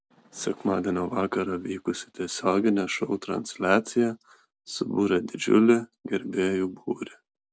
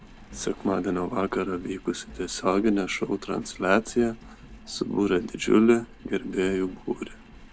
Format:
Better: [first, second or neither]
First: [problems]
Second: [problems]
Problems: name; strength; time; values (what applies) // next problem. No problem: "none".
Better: first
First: none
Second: background sound (Engine); 19 dB below the speech